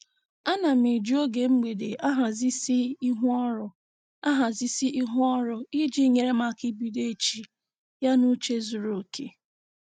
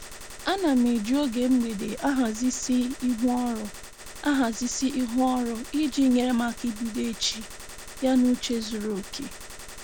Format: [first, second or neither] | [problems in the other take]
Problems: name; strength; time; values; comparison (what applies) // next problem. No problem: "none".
first | background sound (Gunshot, gunfire); 14 dB below the speech